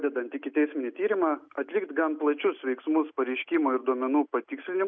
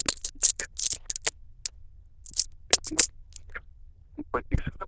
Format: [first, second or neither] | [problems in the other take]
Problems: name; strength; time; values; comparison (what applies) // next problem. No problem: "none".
first | noise reduction (neural diffusion model UNIVERSE++)